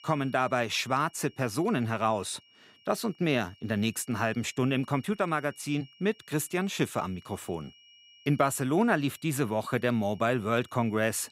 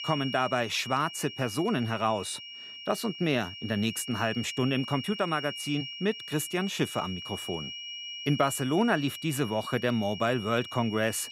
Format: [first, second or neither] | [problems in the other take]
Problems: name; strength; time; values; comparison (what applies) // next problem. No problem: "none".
first | high-pitched whine; loud; throughout; 3 kHz, 9 dB below the speech; faint in the first